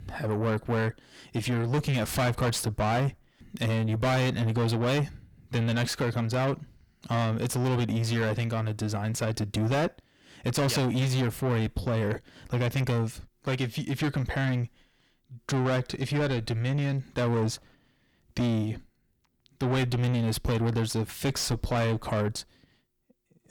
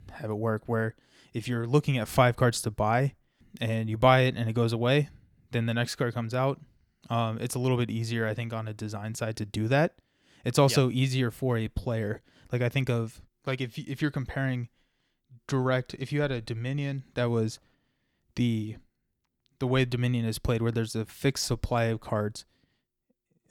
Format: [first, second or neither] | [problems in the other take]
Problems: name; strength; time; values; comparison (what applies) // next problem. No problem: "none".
second | distortion; heavy; 6 dB below the speech